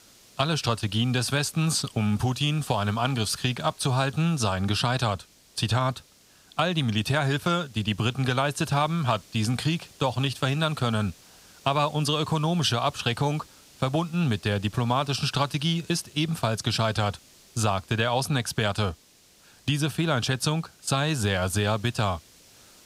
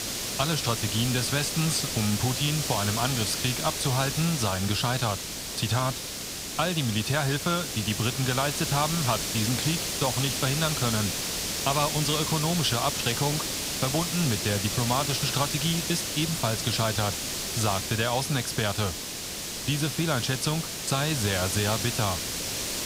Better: first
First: hiss; faint; throughout; 25 dB below the speech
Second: hiss; loud; throughout; 1 dB below the speech

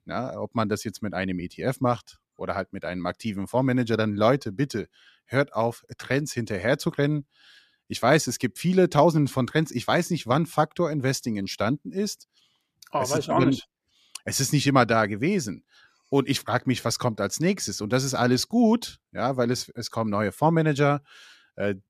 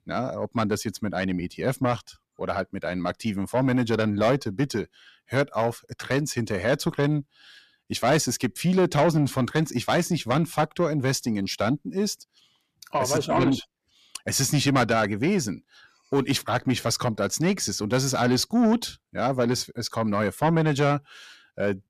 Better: first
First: none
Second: distortion; slight; 10 dB below the speech

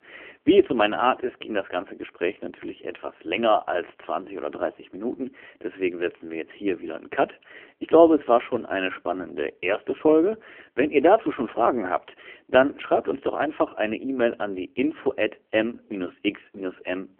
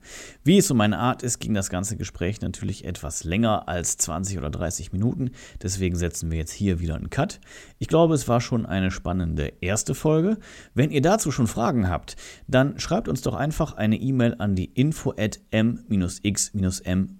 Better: second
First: phone-call audio; poor line; nothing above 3 kHz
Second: none

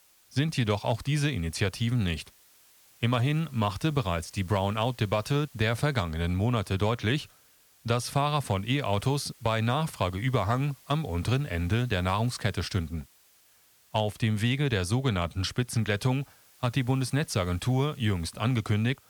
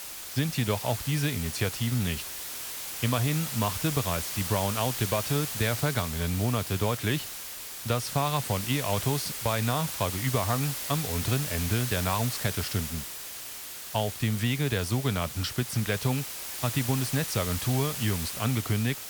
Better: first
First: hiss; faint; throughout; 25 dB below the speech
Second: hiss; loud; throughout; 4 dB below the speech

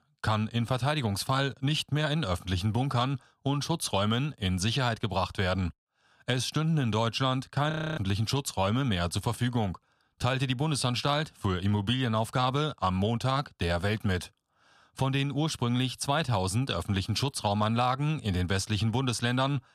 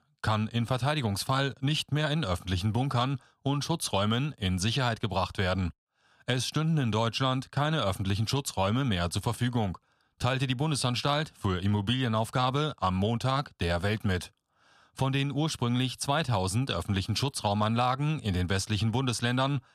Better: second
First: audio freezing; at 7.5 s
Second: none

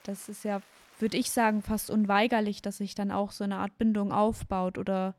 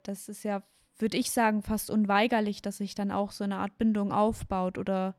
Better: second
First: crowd noise; faint; throughout; 30 dB below the speech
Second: none

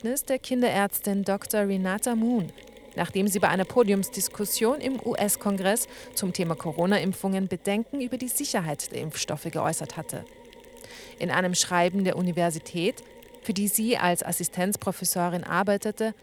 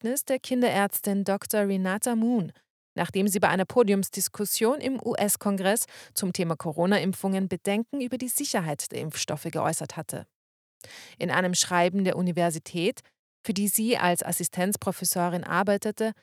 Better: second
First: machinery noise; faint; throughout; 20 dB below the speech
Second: none

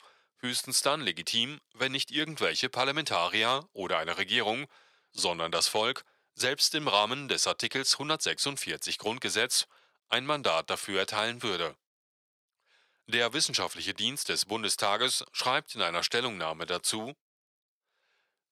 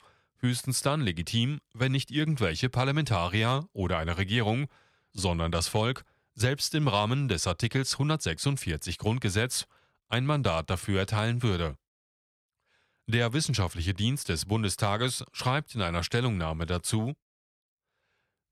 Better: second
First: thin; very; fading below 400 Hz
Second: none

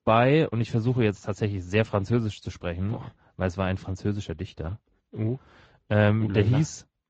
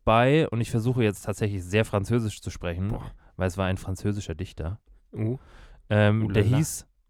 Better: second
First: garbled, watery; slightly; nothing above 7.5 kHz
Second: none

